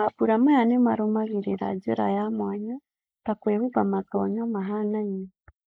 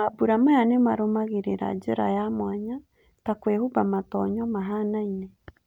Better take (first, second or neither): second